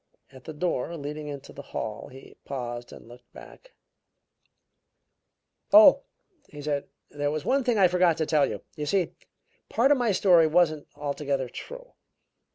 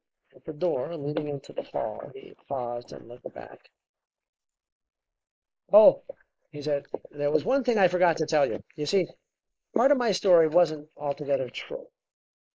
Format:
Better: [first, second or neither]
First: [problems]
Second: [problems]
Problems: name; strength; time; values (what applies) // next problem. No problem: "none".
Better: first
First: none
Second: noise reduction (neural mask model Resemble Enhance denoiser)